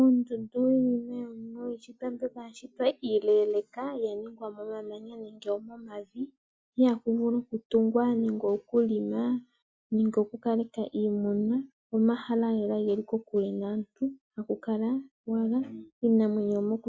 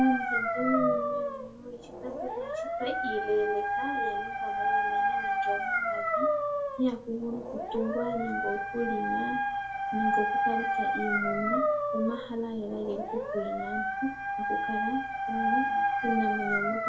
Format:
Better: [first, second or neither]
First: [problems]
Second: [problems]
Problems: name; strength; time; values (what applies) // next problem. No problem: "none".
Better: first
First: none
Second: background sound (Dog); 4 dB above the speech // room echo; dies away in 0.3 s